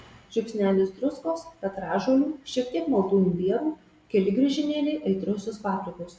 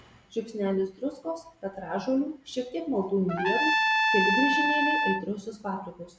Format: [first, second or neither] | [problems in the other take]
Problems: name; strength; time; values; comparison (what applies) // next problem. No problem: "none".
first | background sound (Trumpet); 4 dB above the speech